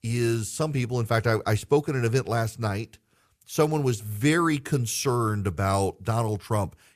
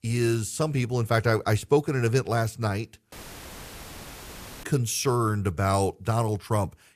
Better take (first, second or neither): first